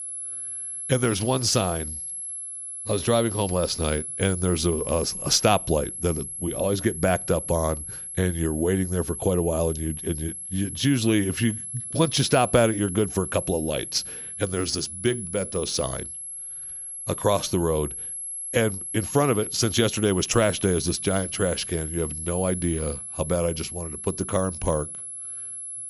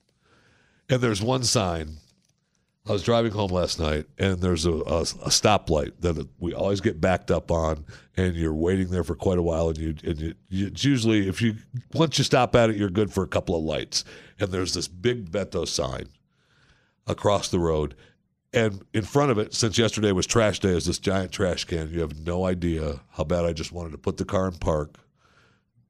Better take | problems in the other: second | high-pitched whine; loud; throughout; 11 kHz, 7 dB below the speech

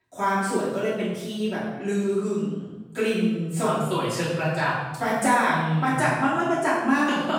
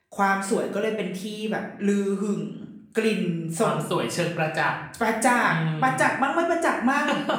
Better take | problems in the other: second | room echo; strong; dies away in 1.1 s; slight in the second // off-mic speech; far; somewhat distant in the second

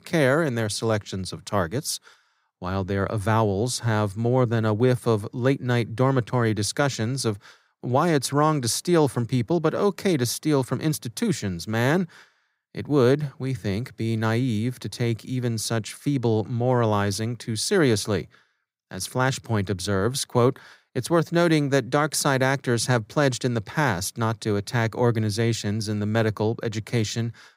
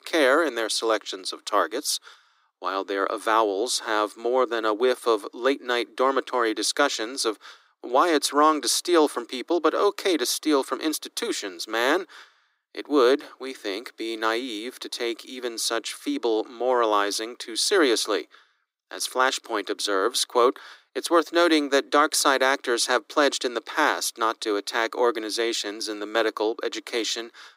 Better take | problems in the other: first | thin; somewhat; fading below 300 Hz

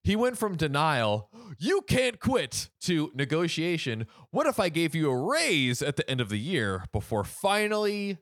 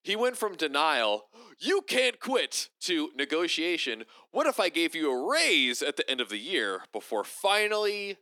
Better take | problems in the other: first | thin; somewhat; fading below 250 Hz

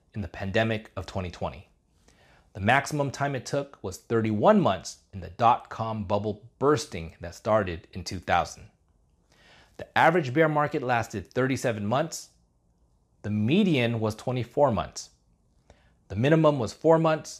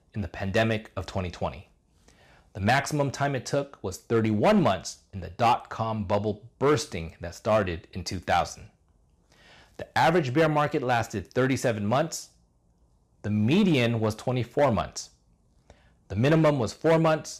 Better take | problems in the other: first | distortion; slight; 3% of the sound clipped

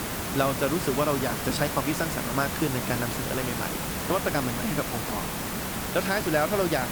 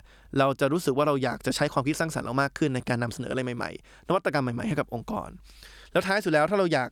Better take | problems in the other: second | hiss; loud; throughout; 1 dB below the speech

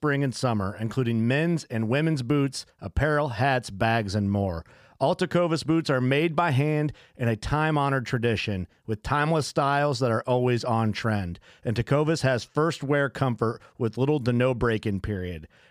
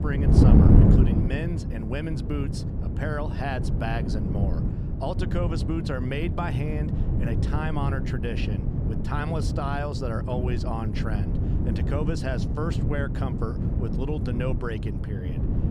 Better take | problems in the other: first | wind noise on the microphone; heavy; 2 dB below the speech

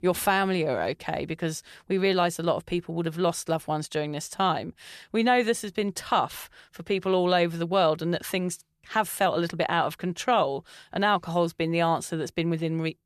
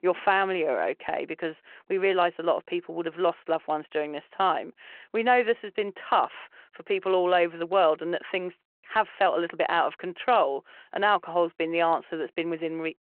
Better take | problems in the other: first | phone-call audio

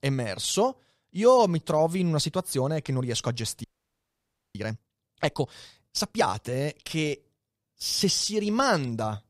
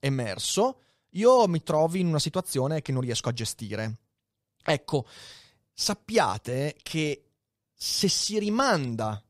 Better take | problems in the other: second | audio freezing; at 3.5 s for 1 s

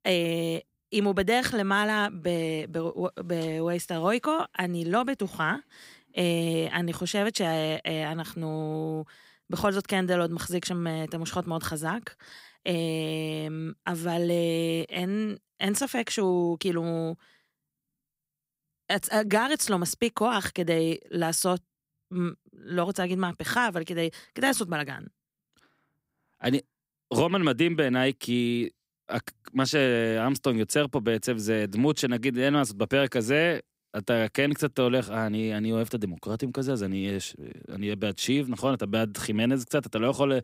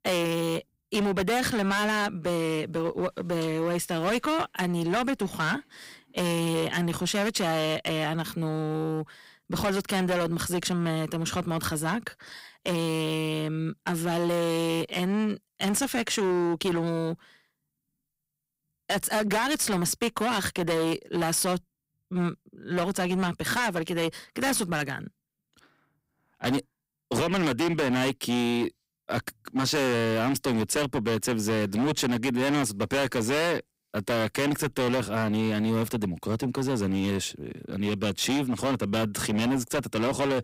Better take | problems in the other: first | distortion; heavy; 17% of the sound clipped

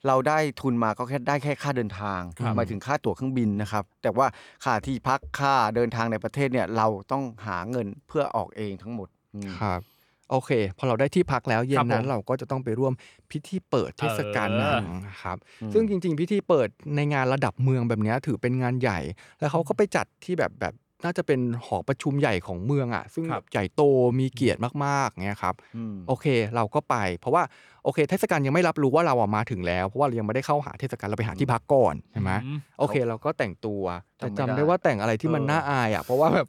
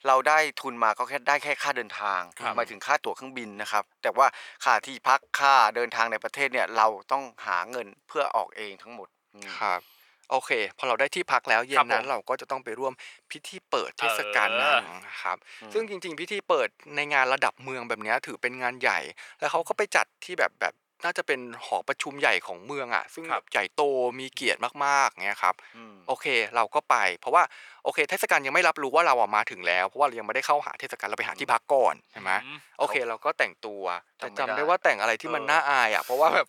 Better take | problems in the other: first | thin; very; fading below 750 Hz

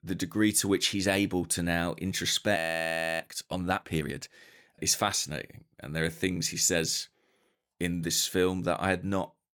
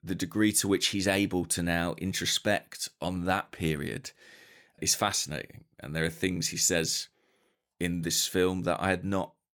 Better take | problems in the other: second | audio freezing; at 2.5 s for 0.5 s

